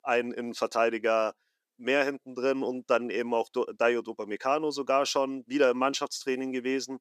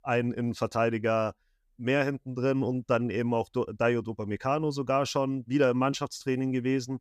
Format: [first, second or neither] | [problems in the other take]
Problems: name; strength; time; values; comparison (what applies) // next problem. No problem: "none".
second | thin; very slightly; fading below 300 Hz